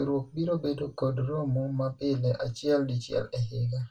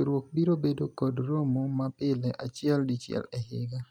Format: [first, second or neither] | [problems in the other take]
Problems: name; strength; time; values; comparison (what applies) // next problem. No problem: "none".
second | room echo; dies away in 0.2 s